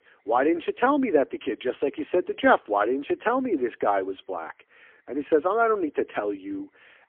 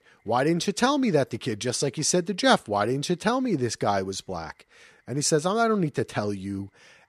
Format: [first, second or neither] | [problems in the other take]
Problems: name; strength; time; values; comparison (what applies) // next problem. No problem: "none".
second | phone-call audio; poor line; nothing above 3.5 kHz